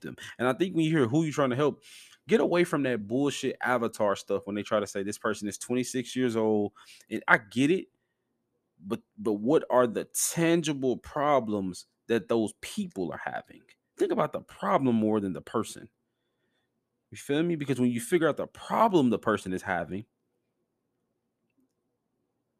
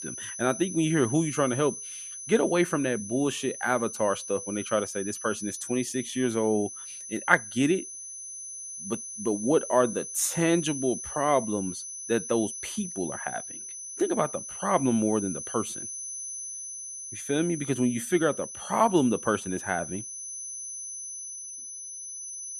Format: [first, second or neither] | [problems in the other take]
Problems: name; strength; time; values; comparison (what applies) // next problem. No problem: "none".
first | high-pitched whine; loud; throughout; 6 kHz, 8 dB below the speech